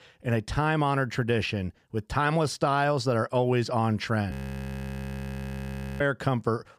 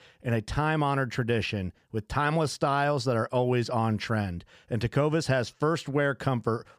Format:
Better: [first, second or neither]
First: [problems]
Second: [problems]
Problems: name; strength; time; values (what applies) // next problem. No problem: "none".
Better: second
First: audio freezing; at 4.5 s for 1.5 s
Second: none